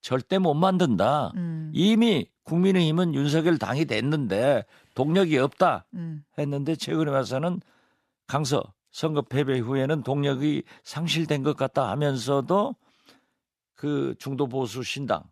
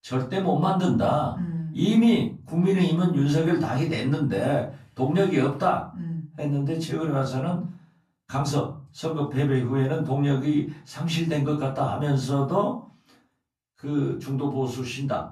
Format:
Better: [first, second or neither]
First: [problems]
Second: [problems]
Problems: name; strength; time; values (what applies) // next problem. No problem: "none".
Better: first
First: none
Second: off-mic speech; far // room echo; slight; dies away in 0.3 s